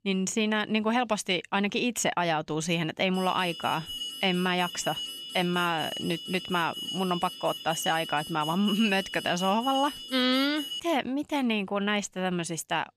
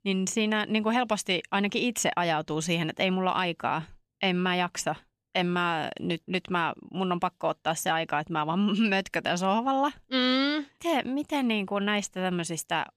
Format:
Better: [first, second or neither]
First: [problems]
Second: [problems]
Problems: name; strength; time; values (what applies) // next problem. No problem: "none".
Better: second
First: alarm; noticeable; from 3 to 11 s; peak 6 dB below the speech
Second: none